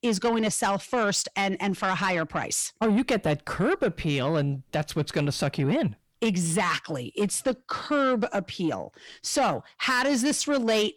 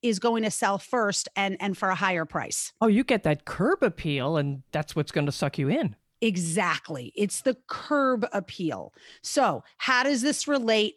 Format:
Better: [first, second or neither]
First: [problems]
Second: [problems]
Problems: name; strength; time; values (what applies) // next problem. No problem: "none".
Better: second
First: distortion; slight; 10 dB below the speech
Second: none